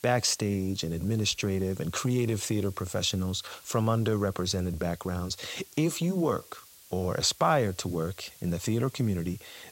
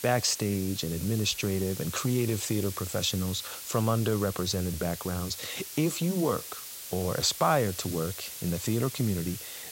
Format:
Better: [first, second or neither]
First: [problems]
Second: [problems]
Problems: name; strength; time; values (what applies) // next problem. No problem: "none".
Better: first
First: hiss; faint; throughout; 20 dB below the speech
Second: hiss; loud; throughout; 9 dB below the speech